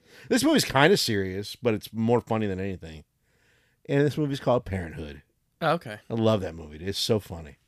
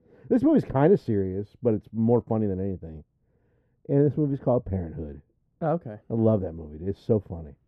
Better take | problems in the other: first | muffled; very; fading above 1.5 kHz

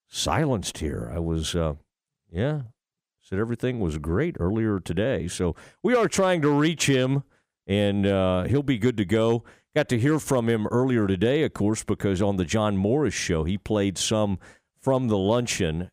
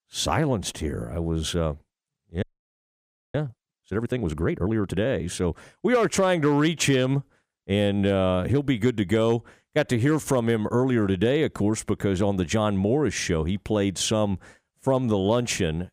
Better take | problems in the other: first | audio freezing; at 2.5 s for 1 s

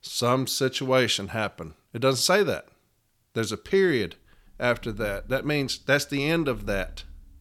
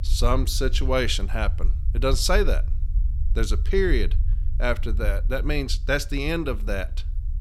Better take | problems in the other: first | low rumble; faint; throughout; 20 dB below the speech

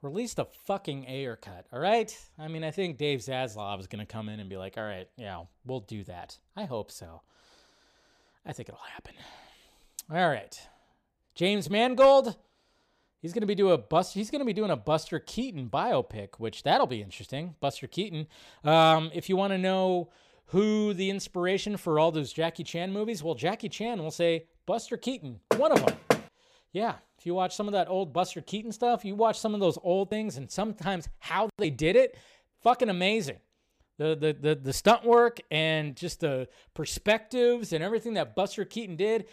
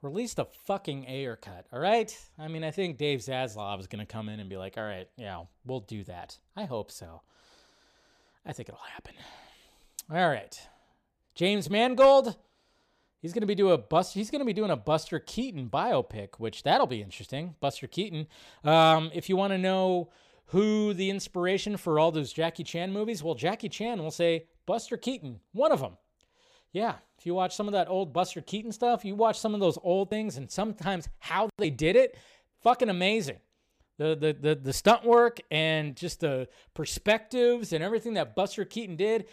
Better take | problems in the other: second | door banging; loud; at 26 s; peak 3 dB above the speech

